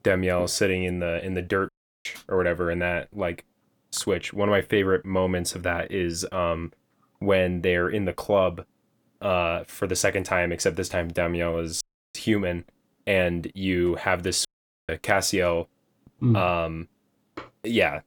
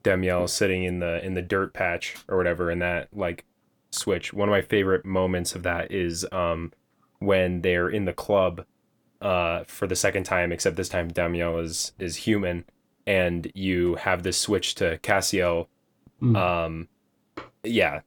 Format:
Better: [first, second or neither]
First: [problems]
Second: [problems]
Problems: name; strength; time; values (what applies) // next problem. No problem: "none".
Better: second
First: audio cutting out; at 1.5 s, at 12 s and at 14 s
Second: none